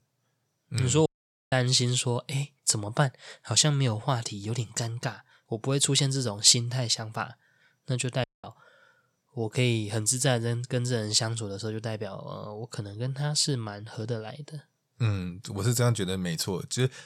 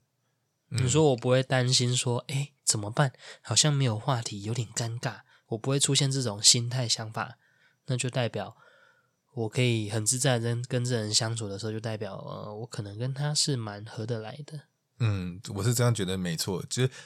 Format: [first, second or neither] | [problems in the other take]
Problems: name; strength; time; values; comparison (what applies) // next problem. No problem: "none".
second | audio cutting out; at 1 s and at 8 s